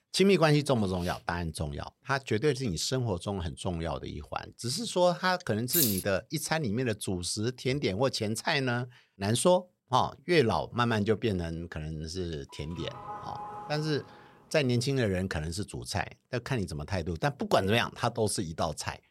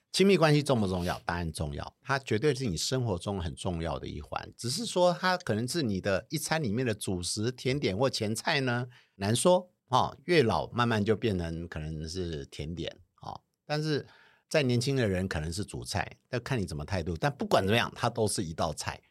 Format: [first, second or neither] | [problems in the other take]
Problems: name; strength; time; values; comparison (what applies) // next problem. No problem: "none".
second | jangling keys; loud; at 5.5 s; peak 4 dB above the speech // doorbell; faint; from 13 to 14 s; peak 10 dB below the speech